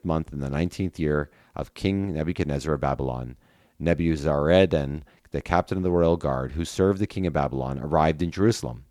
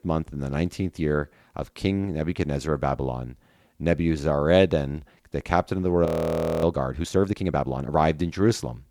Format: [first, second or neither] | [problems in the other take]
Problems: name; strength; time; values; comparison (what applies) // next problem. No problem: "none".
first | audio freezing; at 6 s for 0.5 s